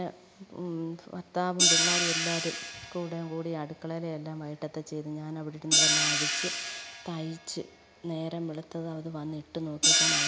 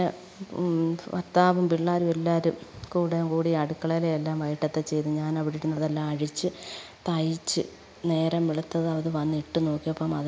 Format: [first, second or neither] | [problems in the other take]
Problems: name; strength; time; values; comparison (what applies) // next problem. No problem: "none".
second | background sound (Hi-hat); 5 dB above the speech